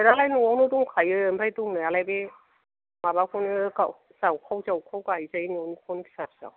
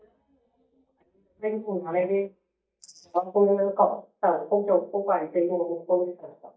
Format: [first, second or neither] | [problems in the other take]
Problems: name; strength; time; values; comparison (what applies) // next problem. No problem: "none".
first | noise reduction (neural mask model DeepFilterNet 3)